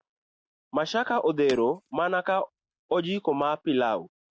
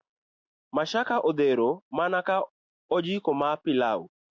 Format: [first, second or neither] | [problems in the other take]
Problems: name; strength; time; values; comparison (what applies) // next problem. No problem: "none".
second | background sound (Shatter); 20 dB below the speech